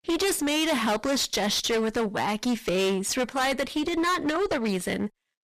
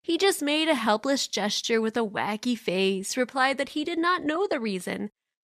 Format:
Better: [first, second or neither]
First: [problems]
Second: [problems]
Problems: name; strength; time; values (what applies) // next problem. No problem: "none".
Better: second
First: distortion; heavy; 24% of the sound clipped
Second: none